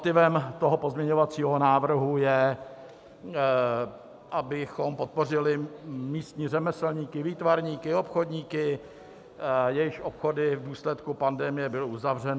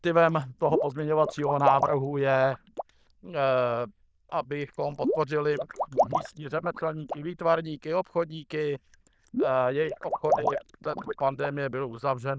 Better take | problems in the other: first | noise reduction (neural diffusion model UNIVERSE++)

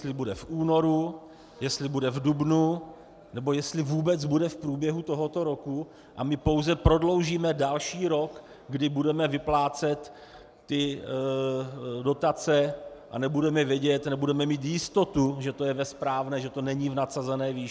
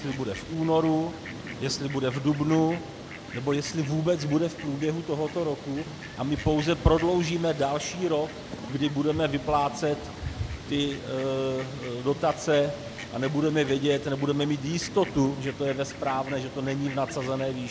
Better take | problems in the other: first | background sound (Fowl); 12 dB below the speech

